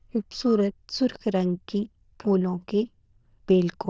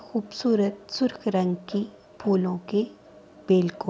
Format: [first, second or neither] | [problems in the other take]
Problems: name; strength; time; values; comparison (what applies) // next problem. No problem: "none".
second | noise reduction (neural diffusion model UNIVERSE++)